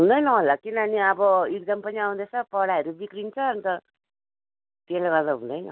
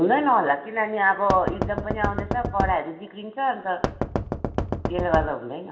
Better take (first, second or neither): first